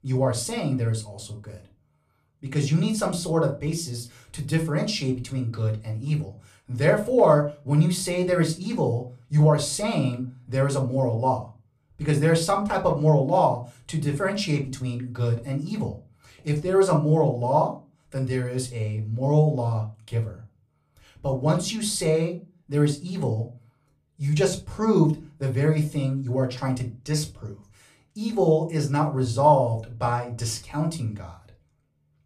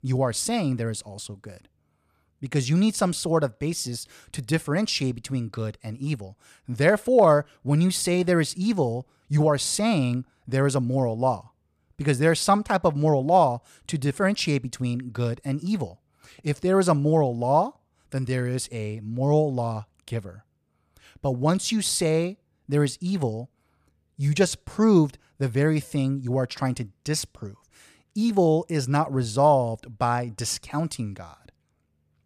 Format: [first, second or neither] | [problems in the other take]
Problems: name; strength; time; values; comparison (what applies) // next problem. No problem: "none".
second | off-mic speech; far // room echo; very slight; dies away in 0.3 s